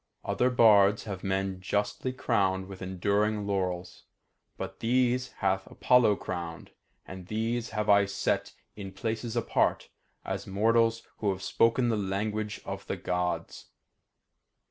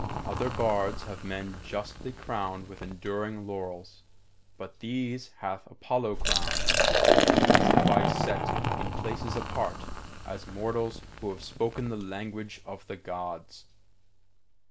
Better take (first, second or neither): first